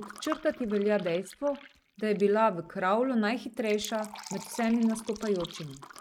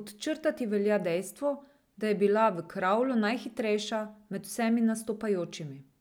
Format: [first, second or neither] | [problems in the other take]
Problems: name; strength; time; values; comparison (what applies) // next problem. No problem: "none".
second | noise reduction (neural mask model RNNoise)